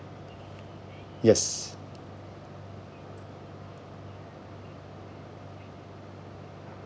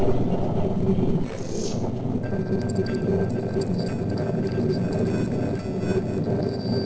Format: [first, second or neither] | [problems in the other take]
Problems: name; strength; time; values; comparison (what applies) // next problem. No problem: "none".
first | noise reduction (neural separator model SepFormer DNS4)